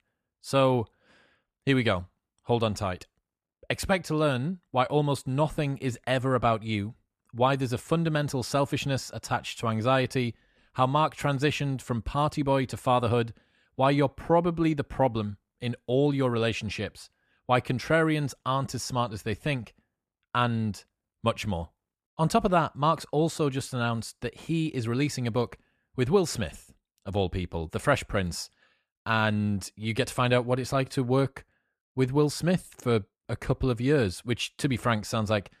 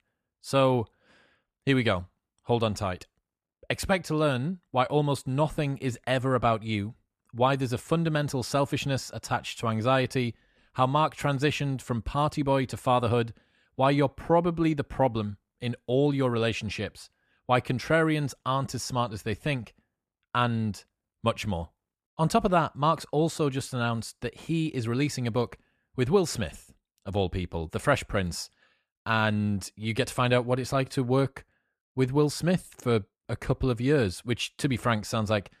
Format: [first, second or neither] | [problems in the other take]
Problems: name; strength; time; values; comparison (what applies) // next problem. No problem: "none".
neither | none